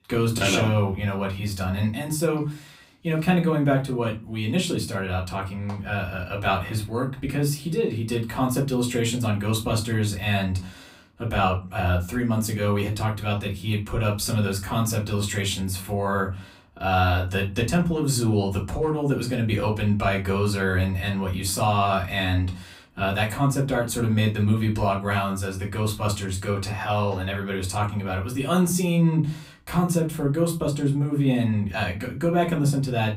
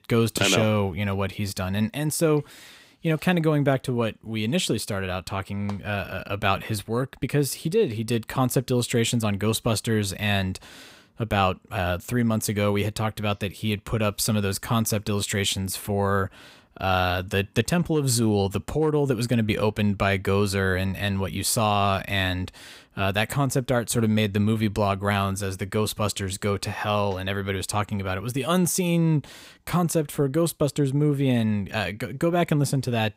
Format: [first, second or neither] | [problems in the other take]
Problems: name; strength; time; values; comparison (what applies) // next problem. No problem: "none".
second | off-mic speech; far // room echo; very slight; dies away in 0.3 s